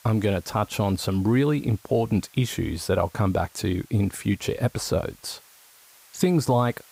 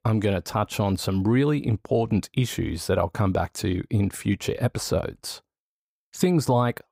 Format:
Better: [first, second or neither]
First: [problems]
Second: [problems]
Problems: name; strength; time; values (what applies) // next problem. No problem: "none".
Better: second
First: hiss; faint; throughout; 25 dB below the speech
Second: none